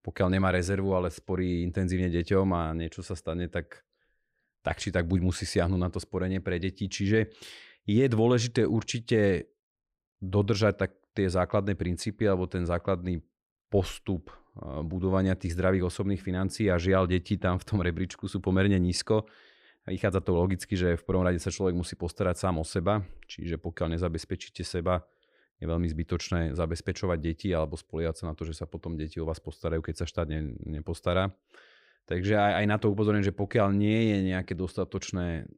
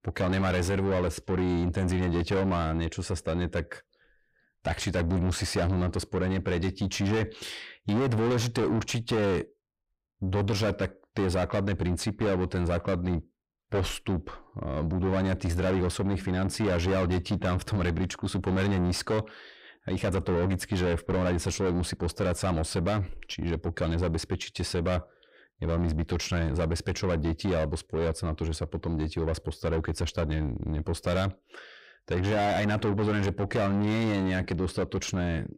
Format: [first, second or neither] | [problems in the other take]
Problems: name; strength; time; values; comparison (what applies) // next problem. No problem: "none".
first | distortion; heavy; 6 dB below the speech